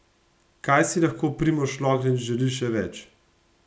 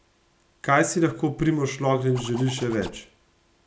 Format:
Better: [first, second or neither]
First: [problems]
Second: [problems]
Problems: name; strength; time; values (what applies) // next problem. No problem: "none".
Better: first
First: none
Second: background sound (Zipper (clothing)); 17 dB below the speech